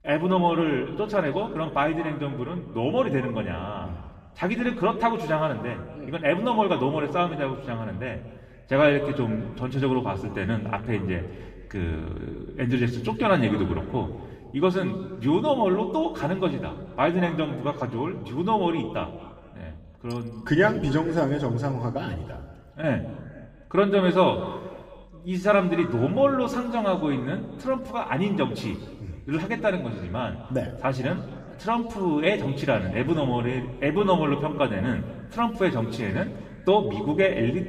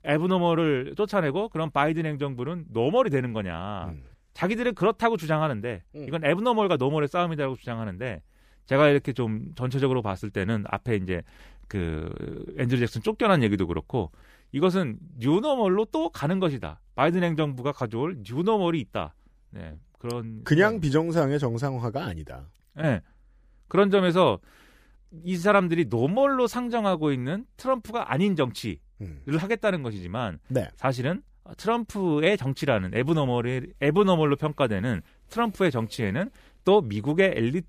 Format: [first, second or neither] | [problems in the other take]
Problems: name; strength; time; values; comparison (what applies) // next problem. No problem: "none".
second | room echo; slight; dies away in 1.8 s // off-mic speech; far